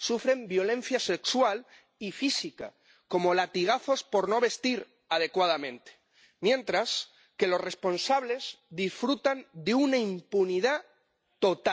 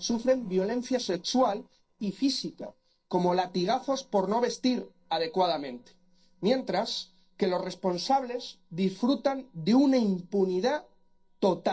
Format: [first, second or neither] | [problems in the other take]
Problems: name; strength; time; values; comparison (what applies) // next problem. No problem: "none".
first | noise reduction (neural separator model SepFormer DNS4)